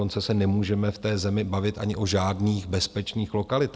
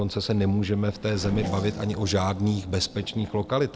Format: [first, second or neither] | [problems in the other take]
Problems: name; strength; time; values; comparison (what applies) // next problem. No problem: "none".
first | background sound (Race car, auto racing / Accelerating, revving, vroom); 13 dB below the speech